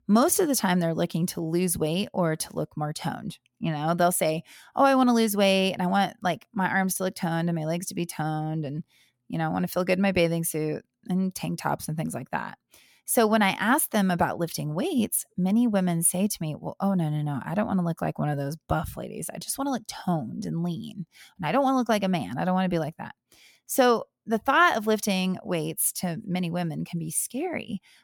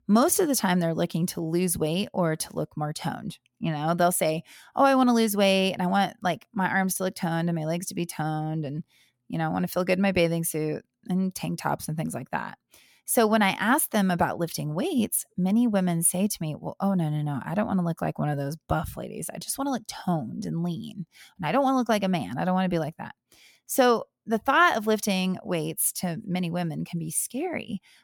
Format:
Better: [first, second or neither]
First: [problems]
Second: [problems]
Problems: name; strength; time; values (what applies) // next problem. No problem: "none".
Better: neither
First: none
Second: none